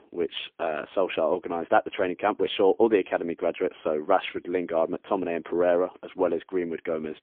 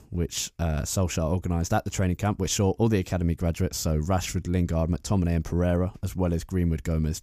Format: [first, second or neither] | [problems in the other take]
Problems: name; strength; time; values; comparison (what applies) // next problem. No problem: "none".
second | phone-call audio; poor line; nothing above 3.5 kHz